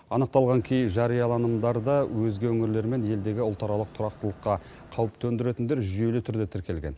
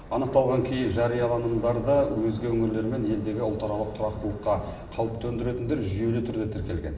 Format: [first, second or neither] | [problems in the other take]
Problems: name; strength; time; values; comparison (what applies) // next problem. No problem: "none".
first | background sound (Thunder); 14 dB below the speech // room echo; dies away in 0.9 s